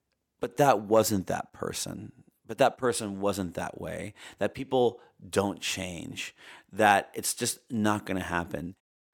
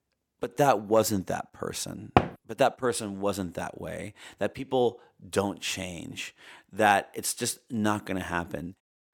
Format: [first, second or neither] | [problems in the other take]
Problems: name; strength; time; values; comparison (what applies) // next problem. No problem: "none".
first | door banging; loud; at 2 s; peak 3 dB above the speech